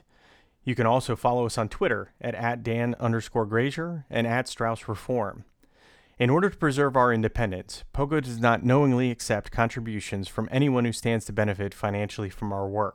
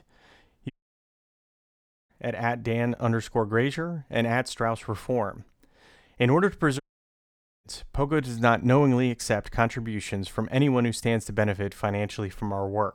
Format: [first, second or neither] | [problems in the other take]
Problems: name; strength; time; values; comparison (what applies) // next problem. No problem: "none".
first | audio cutting out; at 0.5 s for 1.5 s and at 7 s for 1 s